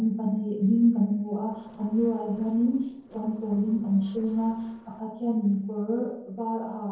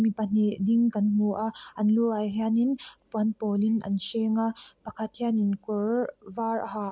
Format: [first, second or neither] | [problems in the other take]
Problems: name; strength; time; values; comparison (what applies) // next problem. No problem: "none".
second | noise reduction (neural separator model SepFormer DNS4)